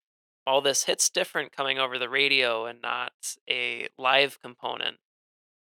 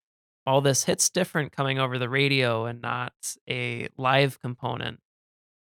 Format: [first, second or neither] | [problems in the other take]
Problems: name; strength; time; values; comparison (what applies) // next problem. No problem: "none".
second | thin; somewhat; fading below 450 Hz